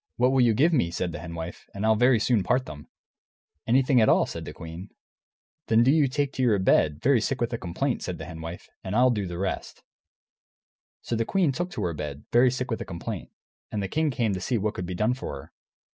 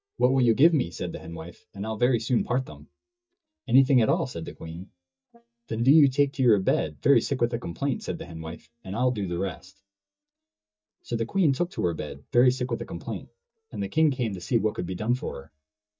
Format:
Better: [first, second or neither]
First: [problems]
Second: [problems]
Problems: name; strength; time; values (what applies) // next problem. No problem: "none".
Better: first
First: none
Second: noise reduction (neural mask model DeepFilterNet 3)